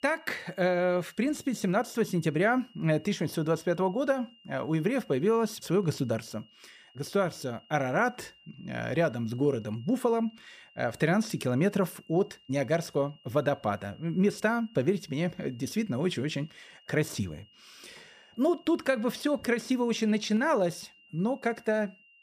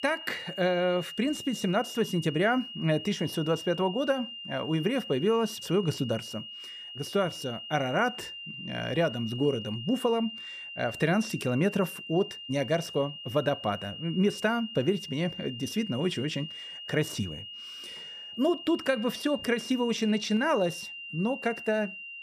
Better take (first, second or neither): first